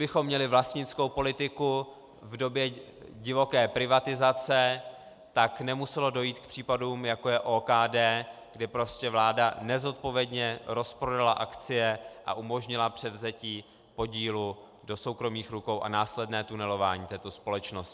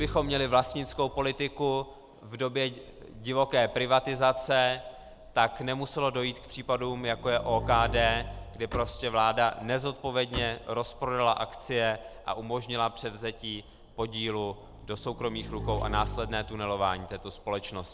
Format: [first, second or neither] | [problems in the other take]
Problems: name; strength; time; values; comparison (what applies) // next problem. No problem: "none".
first | background sound (Motorcycle / Engine + Slam); 12 dB below the speech